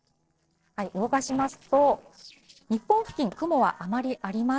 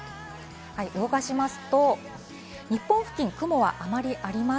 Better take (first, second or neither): second